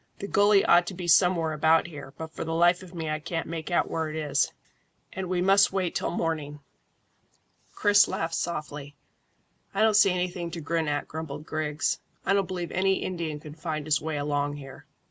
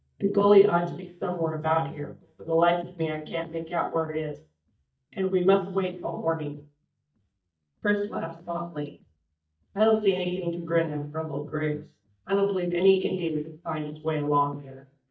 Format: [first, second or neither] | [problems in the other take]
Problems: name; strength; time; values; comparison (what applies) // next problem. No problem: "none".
first | noise reduction (neural mask model DeepFilterNet 3)